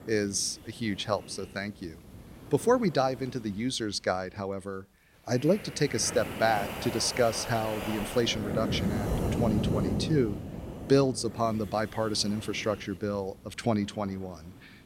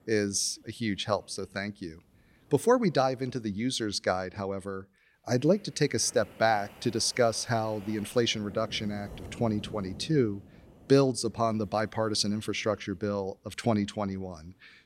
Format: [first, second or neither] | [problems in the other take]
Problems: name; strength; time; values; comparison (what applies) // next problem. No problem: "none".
second | wind noise on the microphone; heavy; 8 dB below the speech; occasional gusts in the second